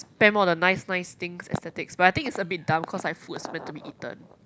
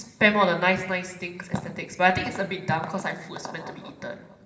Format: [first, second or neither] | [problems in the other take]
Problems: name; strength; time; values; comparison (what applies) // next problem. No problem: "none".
first | room echo; dies away in 1.7 s